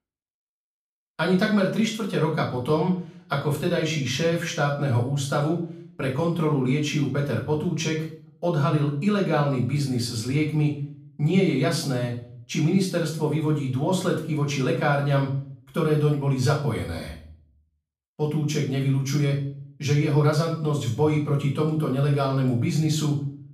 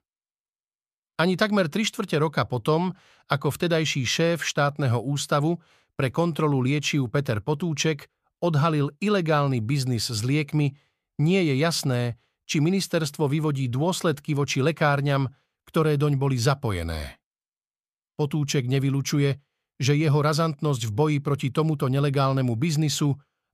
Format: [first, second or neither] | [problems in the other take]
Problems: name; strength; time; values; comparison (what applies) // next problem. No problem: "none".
second | off-mic speech; far // room echo; slight; dies away in 0.5 s